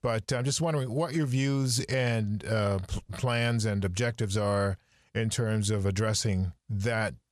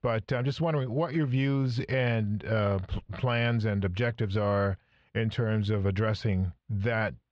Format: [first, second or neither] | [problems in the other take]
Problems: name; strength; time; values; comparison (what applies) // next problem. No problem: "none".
first | muffled; slightly; fading above 3.5 kHz